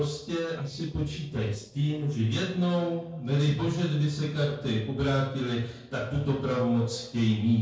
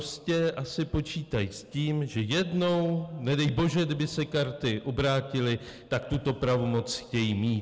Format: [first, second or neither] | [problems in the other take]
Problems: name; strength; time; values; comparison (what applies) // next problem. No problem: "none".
second | noise reduction (neural separator model SepFormer DNS4)